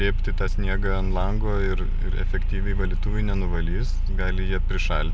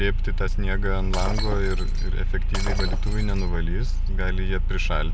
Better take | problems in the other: first | background sound (Shatter); 17 dB below the speech

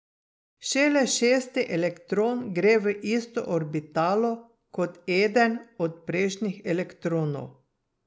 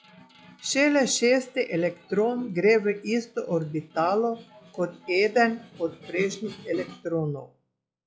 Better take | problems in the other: first | noise reduction (classical method log-MMSE)

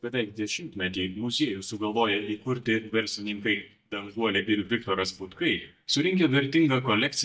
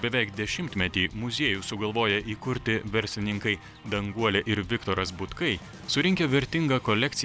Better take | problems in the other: second | noise reduction (neural mask model DeepFilterNet 3)

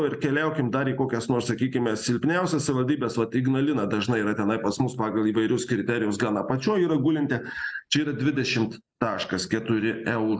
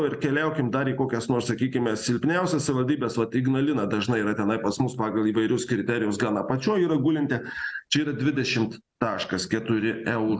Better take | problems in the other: second | noise reduction (neural mask model Resemble Enhance denoiser)

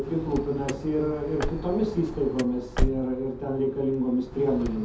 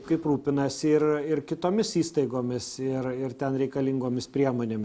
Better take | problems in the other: second | background sound (Car); 6 dB below the speech // room echo; dies away in 0.5 s

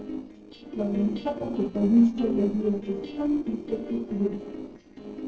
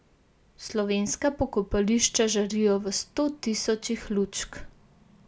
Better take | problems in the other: second | noise reduction (neural separator model SepFormer DNS4)

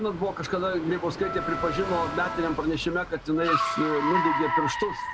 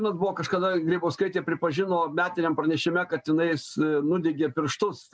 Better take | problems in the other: second | background sound (Car + Wind instrument, woodwind instrument); 2 dB below the speech

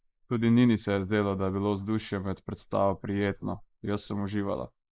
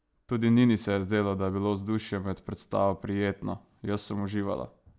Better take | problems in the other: second | noise reduction (neural mask model Resemble Enhance denoiser)

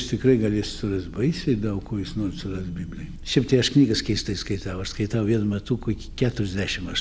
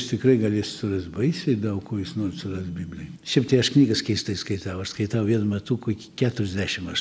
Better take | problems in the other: second | background sound (Purr); 15 dB below the speech

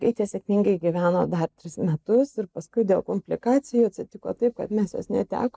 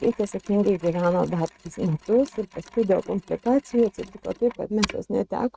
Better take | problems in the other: first | noise reduction (neural mask model RNNoise)

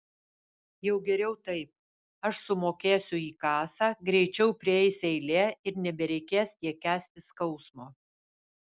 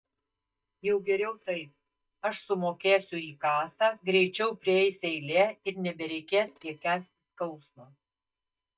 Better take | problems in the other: first | noise reduction (neural mask model DeepFilterNet 3)

